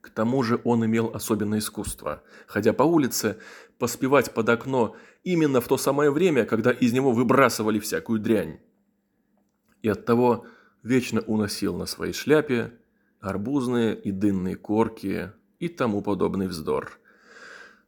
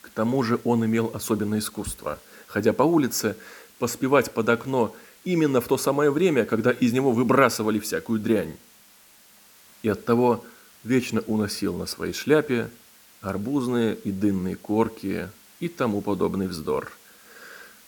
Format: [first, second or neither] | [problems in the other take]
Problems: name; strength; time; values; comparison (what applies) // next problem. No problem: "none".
first | hiss; faint; throughout; 25 dB below the speech